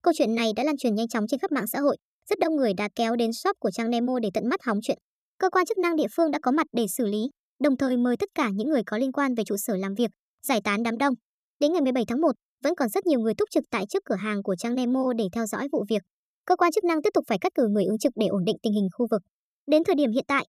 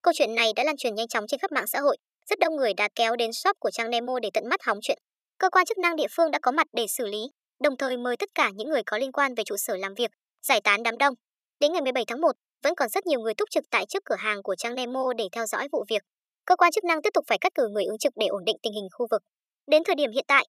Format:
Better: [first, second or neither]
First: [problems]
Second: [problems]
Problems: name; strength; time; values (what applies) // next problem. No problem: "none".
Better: first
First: none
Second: thin; somewhat; fading below 600 Hz